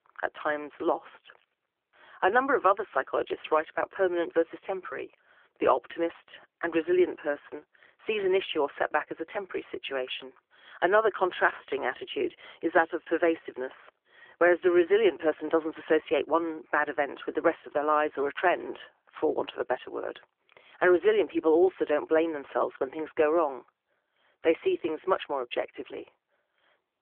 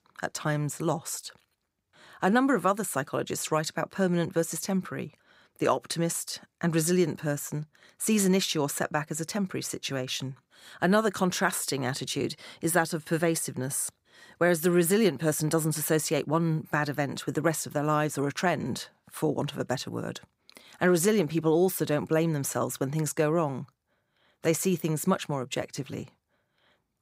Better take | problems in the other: second | phone-call audio; nothing above 3.5 kHz

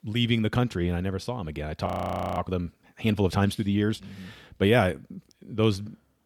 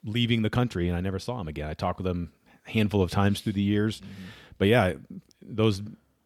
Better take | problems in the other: second | audio freezing; at 2 s for 0.5 s

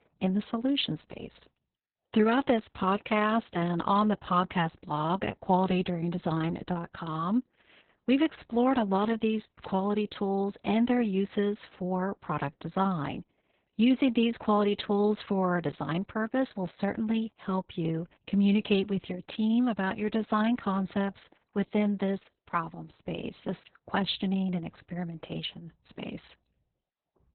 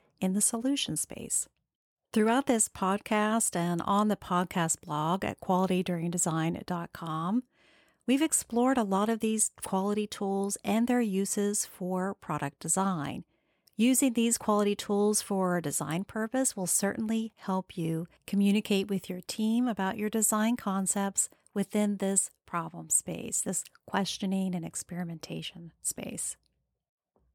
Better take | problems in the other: second | garbled, watery; badly; nothing above 4 kHz

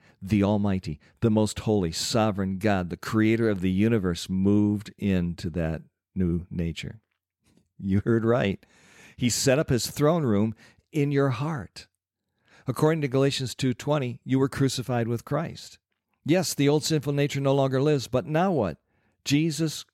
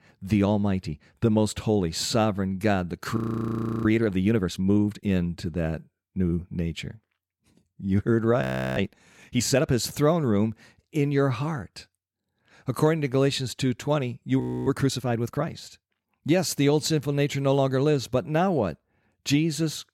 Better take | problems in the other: first | audio freezing; at 3 s for 0.5 s, at 8.5 s and at 14 s

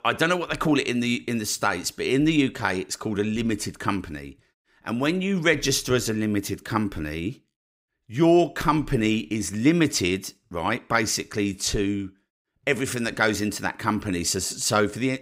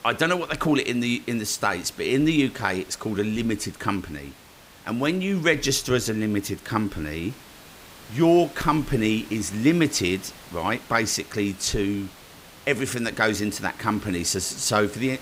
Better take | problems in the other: first | hiss; faint; throughout; 20 dB below the speech

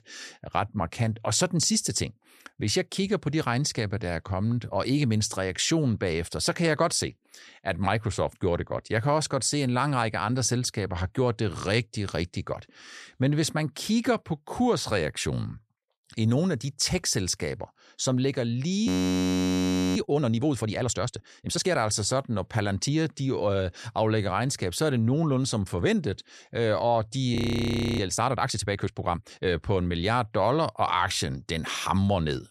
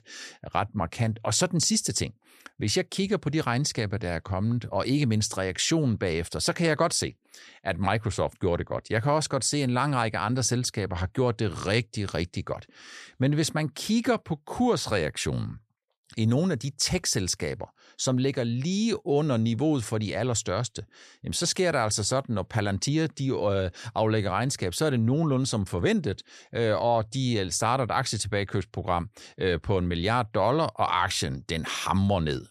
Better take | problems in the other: second | audio freezing; at 19 s for 1 s and at 27 s for 0.5 s

